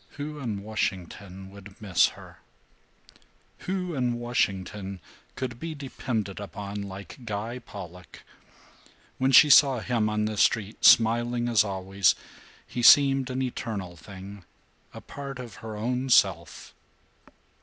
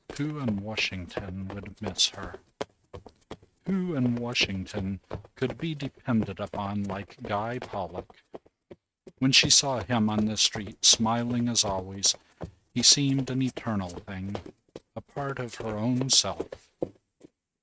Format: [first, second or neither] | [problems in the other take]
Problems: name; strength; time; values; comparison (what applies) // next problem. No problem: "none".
first | noise reduction (neural mask model RNNoise)